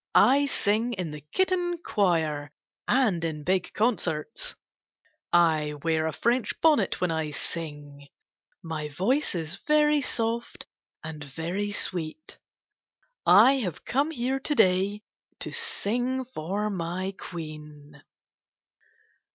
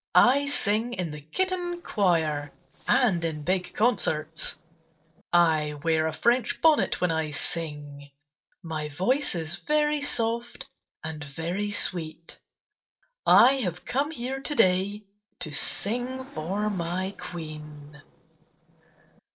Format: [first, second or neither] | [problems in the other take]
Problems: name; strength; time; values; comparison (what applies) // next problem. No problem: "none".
first | noise reduction (neural separator model SepFormer DNS4)